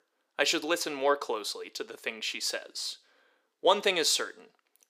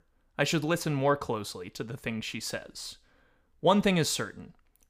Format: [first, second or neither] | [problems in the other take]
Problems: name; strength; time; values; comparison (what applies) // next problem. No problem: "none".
second | thin; very; fading below 350 Hz